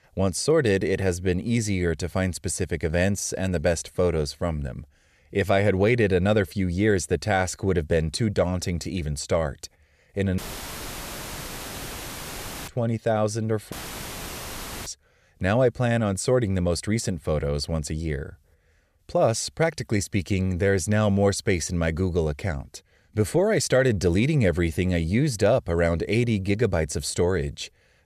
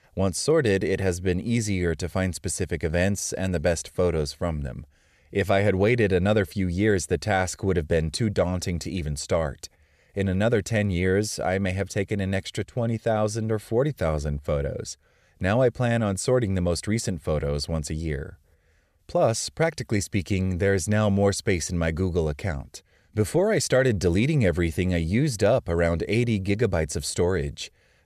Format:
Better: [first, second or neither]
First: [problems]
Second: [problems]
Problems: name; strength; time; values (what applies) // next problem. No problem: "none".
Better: second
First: audio cutting out; filled with static; at 10 s for 2.5 s and at 14 s for 1 s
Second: none